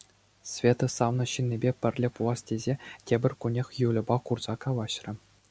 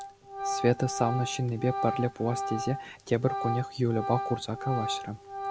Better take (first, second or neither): first